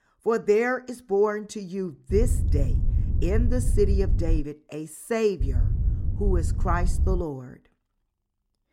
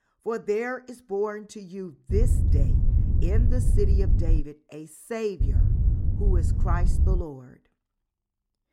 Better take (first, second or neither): first